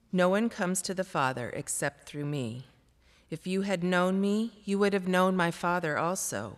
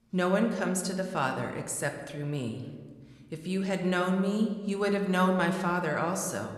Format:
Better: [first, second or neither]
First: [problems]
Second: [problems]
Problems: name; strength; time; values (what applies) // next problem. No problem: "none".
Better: first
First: none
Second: room echo; slight; dies away in 1.1 s